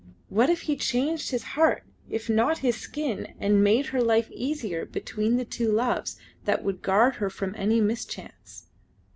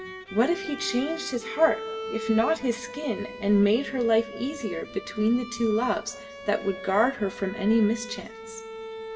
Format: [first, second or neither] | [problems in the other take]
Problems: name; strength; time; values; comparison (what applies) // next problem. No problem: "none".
first | background sound (Bowed string instrument); 12 dB below the speech // room echo; dies away in 1.5 s